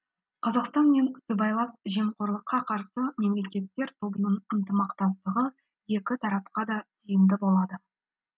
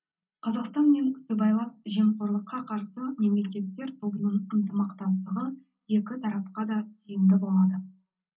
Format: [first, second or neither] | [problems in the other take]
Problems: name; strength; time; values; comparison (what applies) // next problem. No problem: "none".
first | room echo; dies away in 0.4 s